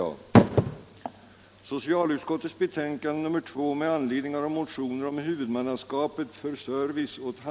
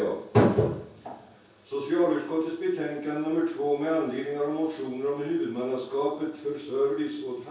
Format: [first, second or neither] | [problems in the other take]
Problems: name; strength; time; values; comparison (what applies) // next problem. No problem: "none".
first | room echo; dies away in 0.6 s